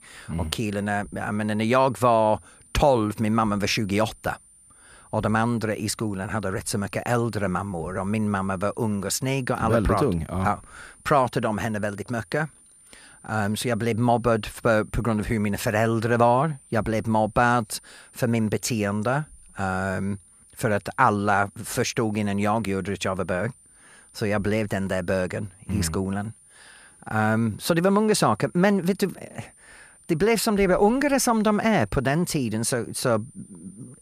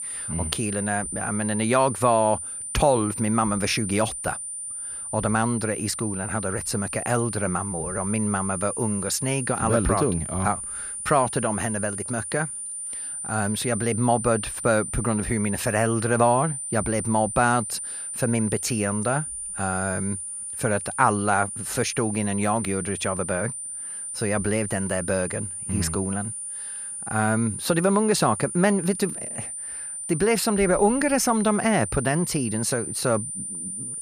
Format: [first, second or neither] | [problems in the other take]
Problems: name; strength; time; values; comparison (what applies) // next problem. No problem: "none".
first | high-pitched whine; loud; throughout; 9 kHz, 6 dB below the speech; faint in the first